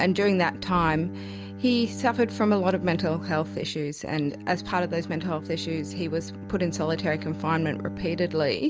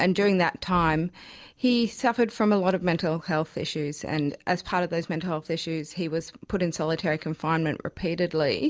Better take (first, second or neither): second